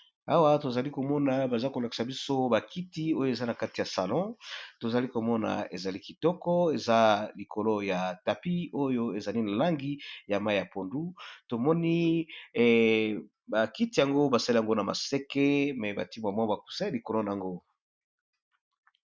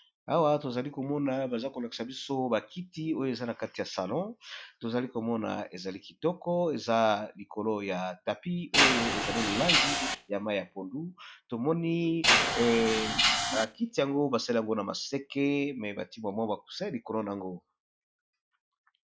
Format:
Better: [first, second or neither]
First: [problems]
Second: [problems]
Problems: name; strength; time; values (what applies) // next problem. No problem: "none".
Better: first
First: none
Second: noise reduction (classical method log-MMSE)